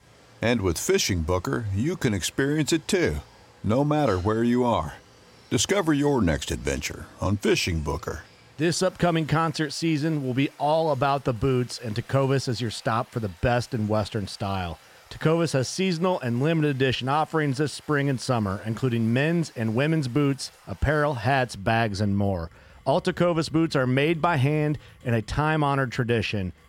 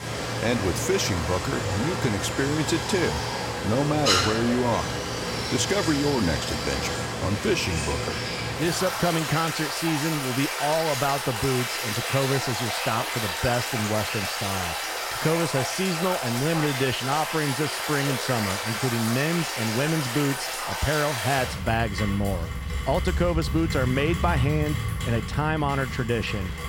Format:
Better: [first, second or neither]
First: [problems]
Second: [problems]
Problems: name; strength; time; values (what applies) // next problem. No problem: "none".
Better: first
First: rain or running water; faint; throughout; 25 dB below the speech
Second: rain or running water; loud; throughout; 1 dB below the speech